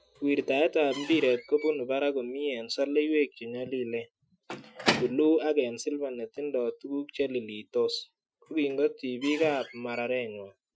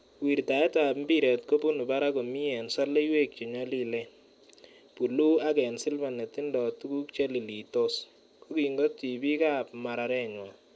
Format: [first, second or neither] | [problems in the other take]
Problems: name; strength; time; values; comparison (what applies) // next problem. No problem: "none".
second | noise reduction (classical method Wiener filter)